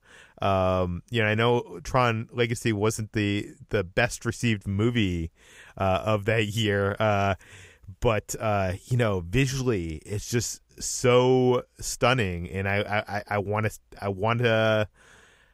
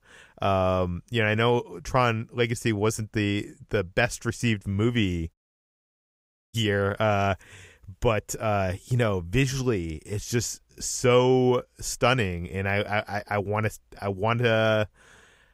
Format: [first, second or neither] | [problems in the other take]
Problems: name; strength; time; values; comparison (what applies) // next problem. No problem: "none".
first | audio cutting out; at 5.5 s for 1 s